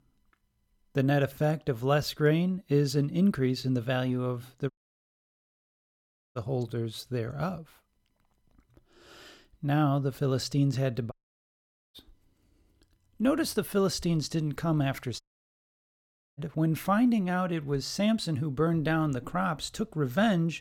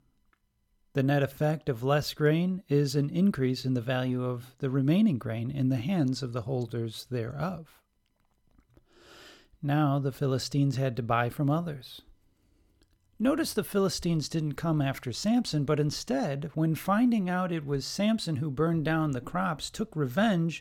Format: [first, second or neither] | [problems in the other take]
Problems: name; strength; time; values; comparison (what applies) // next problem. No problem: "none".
second | audio cutting out; at 4.5 s for 1.5 s, at 11 s for 1 s and at 15 s for 1 s